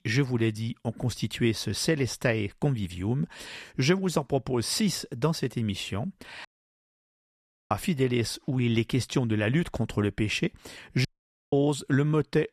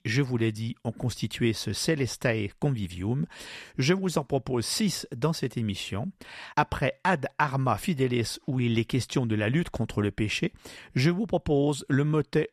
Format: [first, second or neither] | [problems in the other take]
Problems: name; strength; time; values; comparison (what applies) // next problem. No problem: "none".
second | audio cutting out; at 6.5 s for 1.5 s and at 11 s